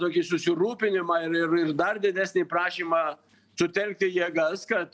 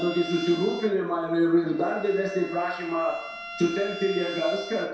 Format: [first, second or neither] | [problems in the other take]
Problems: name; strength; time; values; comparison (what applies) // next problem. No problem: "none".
first | background sound (Bowed string instrument); 13 dB below the speech // room echo; dies away in 0.7 s